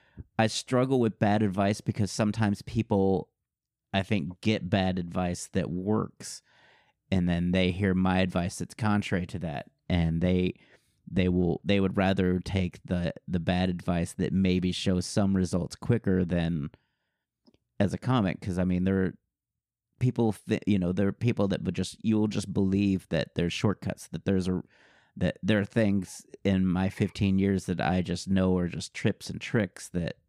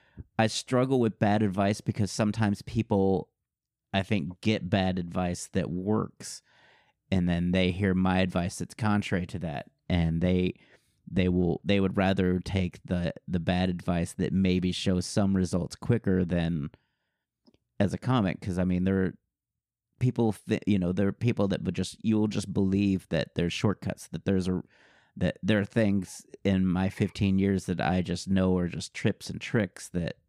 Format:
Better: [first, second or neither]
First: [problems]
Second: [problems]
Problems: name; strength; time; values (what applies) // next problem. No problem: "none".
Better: neither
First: none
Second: none